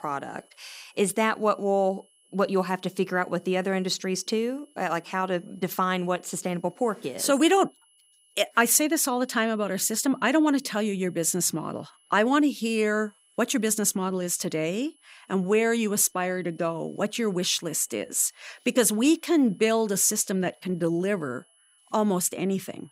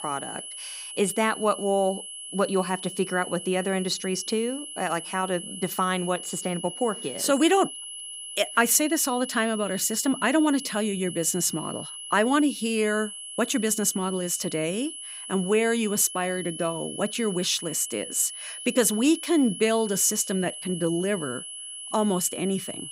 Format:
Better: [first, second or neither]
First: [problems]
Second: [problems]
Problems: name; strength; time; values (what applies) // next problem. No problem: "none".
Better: first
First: high-pitched whine; faint; throughout; 3 kHz, 35 dB below the speech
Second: high-pitched whine; loud; throughout; 3 kHz, 10 dB below the speech